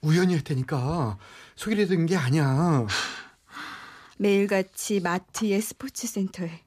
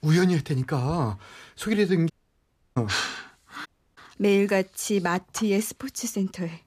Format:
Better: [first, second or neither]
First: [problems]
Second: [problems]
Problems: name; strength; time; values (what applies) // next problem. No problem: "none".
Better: first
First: none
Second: audio cutting out; at 2 s for 0.5 s and at 3.5 s